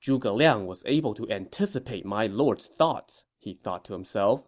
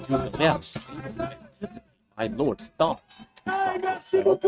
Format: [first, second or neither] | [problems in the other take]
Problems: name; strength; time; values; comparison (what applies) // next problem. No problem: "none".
first | noise reduction (neural mask model RNNoise)